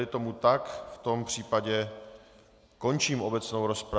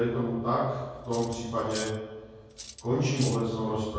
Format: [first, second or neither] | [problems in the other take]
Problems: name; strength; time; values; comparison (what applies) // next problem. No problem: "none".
first | background sound (Cutlery, silverware); 14 dB below the speech // room echo; dies away in 1.3 s